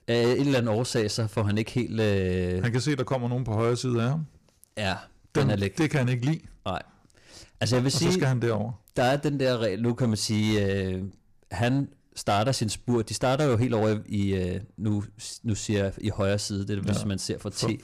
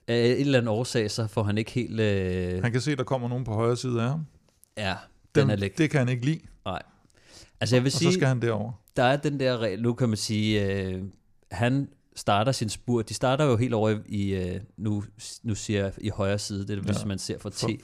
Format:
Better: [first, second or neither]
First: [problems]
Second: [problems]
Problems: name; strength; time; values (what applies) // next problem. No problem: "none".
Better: second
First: distortion; slight; 7% of the sound clipped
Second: none